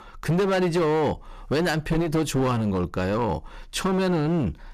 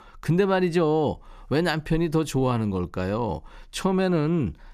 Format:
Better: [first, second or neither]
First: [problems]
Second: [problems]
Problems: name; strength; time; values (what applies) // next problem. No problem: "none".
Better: second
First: distortion; heavy; 16% of the sound clipped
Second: none